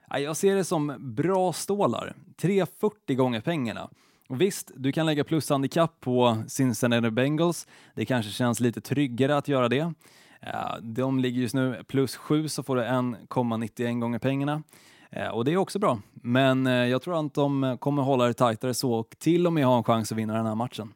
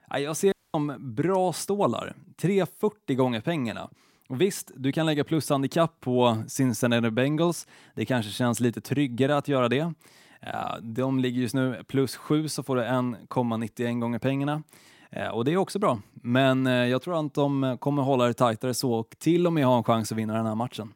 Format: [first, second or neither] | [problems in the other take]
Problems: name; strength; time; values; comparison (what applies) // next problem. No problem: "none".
first | audio cutting out; at 0.5 s